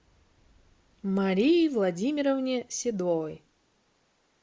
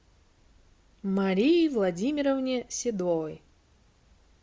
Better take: second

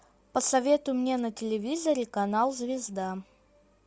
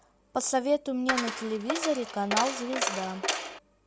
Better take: first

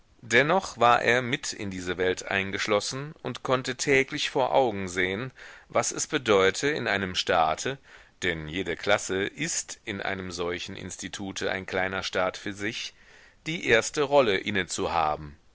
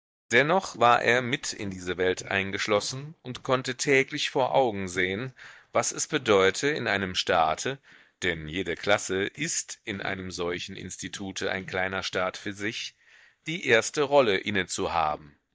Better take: first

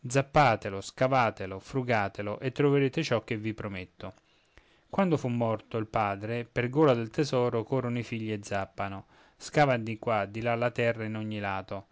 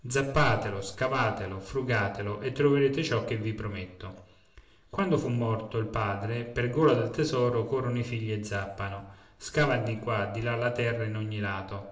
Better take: first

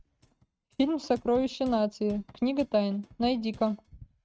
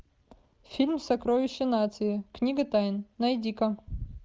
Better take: second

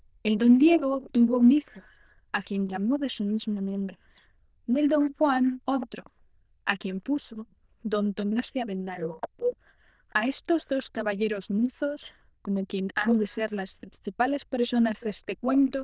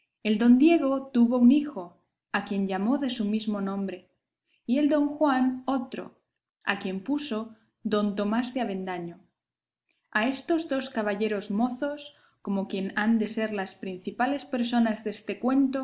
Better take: second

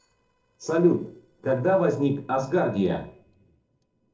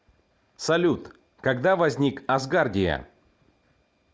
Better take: second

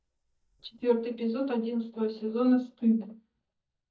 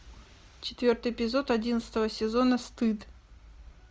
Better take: second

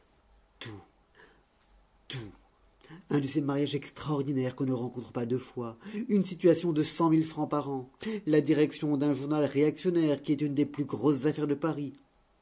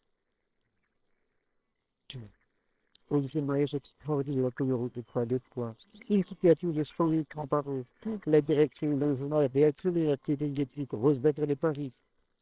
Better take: first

